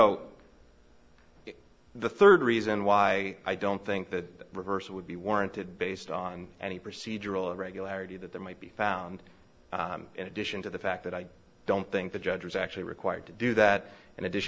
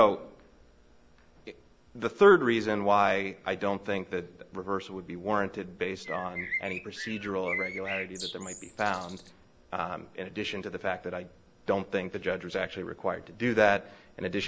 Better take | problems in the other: first | background sound (Bird); 8 dB below the speech

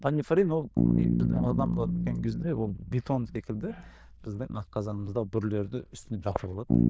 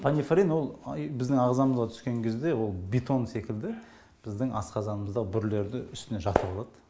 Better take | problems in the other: second | noise reduction (neural diffusion model UNIVERSE++)

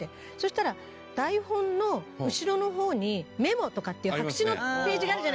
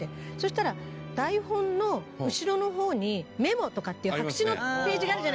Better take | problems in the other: first | background sound (Bowed string instrument); 16 dB below the speech

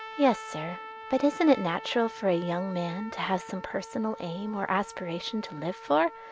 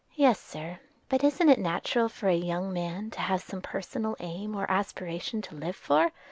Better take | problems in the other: second | background sound (Trumpet); 14 dB below the speech

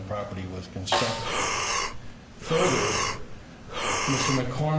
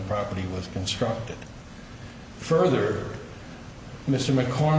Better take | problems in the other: second | background sound (Breathing + Snare drum); 2 dB above the speech

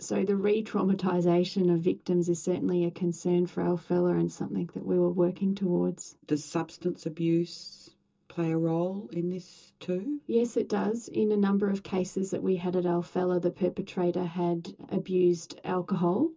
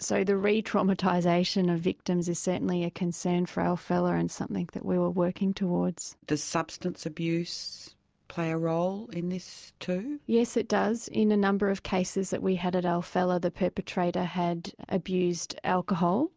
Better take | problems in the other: second | room echo; dies away in 0.2 s

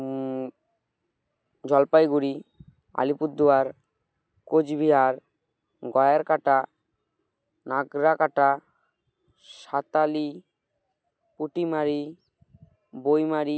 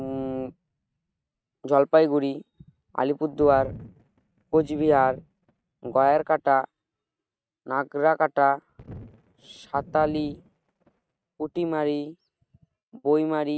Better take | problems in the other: first | noise reduction (neural mask model RNNoise)

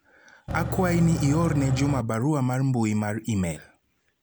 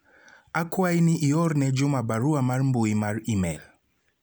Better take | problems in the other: second | background sound (Engine / Truck / Car); 4 dB below the speech

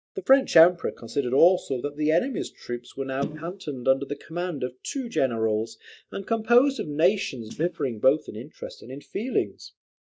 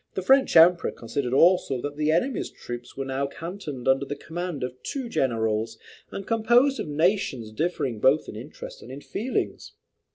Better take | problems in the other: second | noise reduction (neural mask model DeepFilterNet 3)

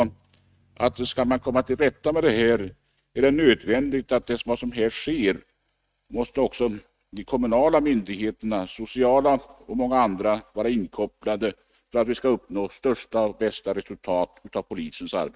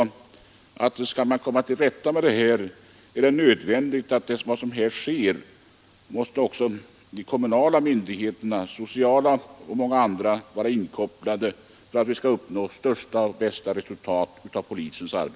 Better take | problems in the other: second | noise reduction (neural mask model RNNoise)

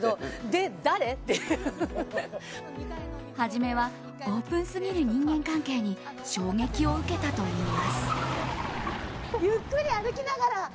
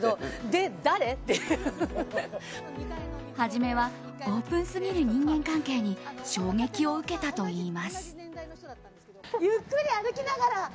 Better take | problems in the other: second | background sound (Car); 2 dB below the speech

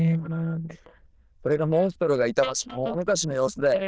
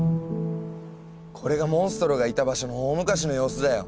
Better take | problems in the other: second | noise reduction (neural diffusion model UNIVERSE++)

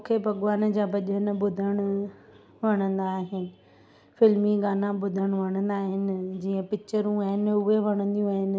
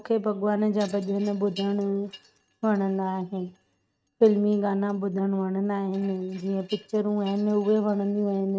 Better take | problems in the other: first | noise reduction (neural mask model RNNoise)

